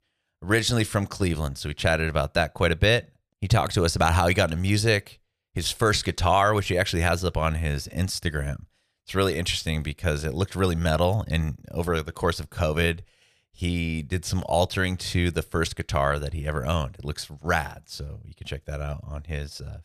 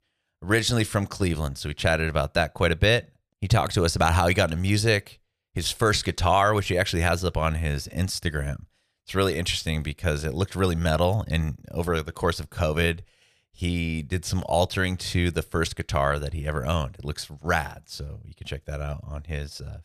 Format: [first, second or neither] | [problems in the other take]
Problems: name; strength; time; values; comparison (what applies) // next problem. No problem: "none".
neither | none